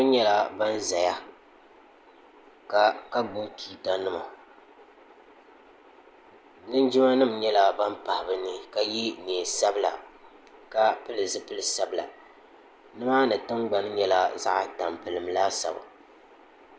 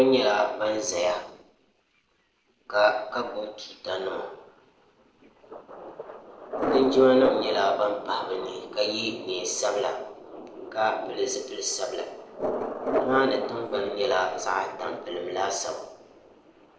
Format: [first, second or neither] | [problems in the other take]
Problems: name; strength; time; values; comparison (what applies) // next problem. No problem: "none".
first | noise reduction (neural separator model SepFormer DNS4)